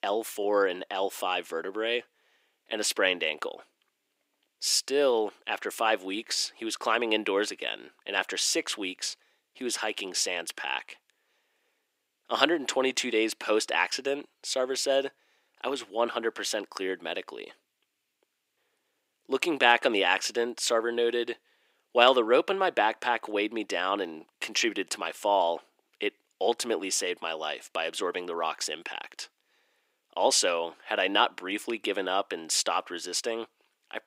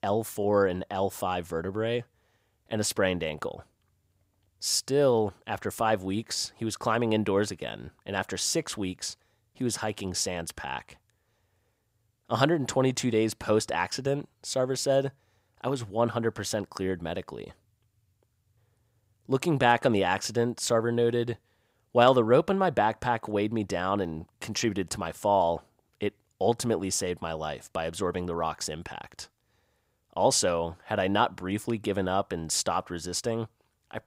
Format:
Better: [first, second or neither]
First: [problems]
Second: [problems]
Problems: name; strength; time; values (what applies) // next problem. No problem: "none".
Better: second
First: thin; somewhat; fading below 300 Hz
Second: none